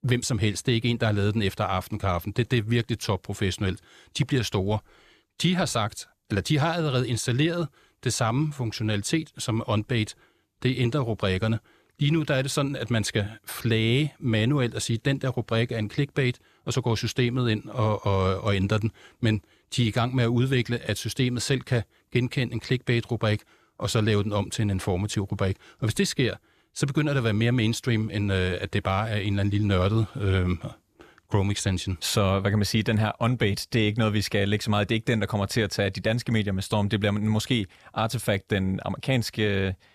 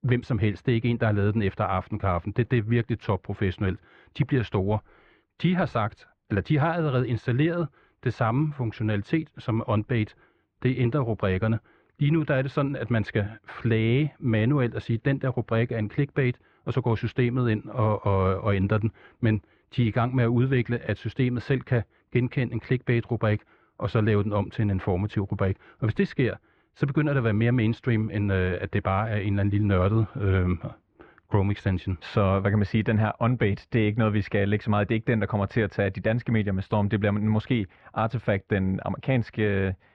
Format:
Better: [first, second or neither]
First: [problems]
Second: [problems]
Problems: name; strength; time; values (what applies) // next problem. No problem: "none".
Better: first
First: none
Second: muffled; very; fading above 2 kHz